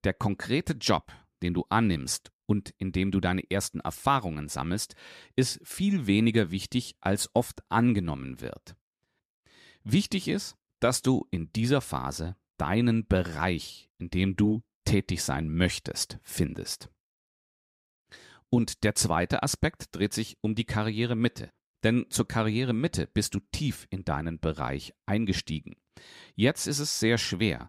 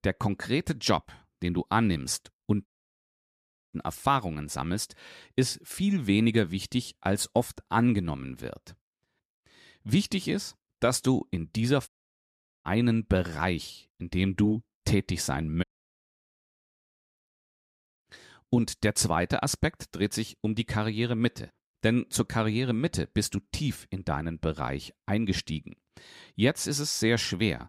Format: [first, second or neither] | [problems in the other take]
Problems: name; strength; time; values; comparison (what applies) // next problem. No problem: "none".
first | audio cutting out; at 2.5 s for 1 s, at 12 s for 1 s and at 16 s for 1.5 s